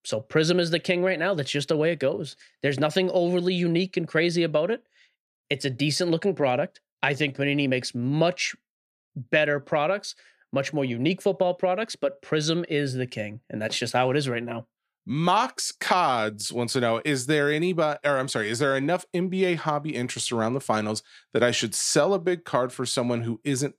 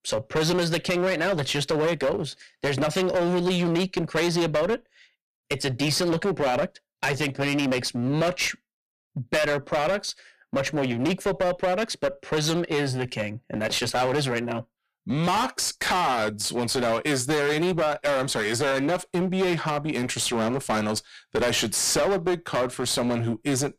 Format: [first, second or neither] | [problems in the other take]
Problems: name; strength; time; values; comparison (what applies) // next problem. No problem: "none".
first | distortion; heavy; 19% of the sound clipped